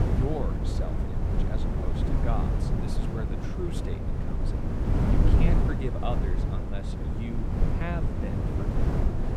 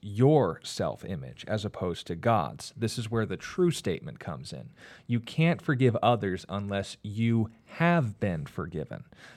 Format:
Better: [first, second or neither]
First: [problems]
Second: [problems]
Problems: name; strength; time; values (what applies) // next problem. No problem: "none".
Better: second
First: wind noise on the microphone; heavy; 2 dB above the speech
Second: none